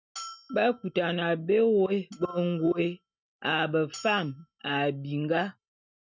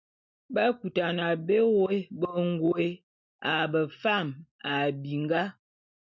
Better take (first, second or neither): second